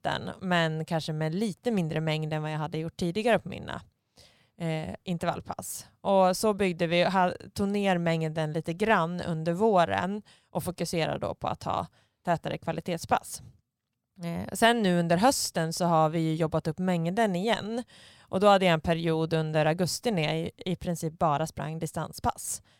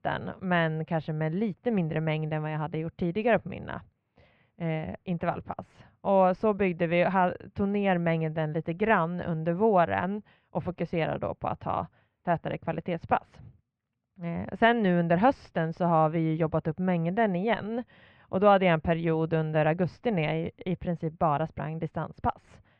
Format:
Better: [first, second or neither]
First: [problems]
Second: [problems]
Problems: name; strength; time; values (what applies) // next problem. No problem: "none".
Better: first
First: none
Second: muffled; very; fading above 2.5 kHz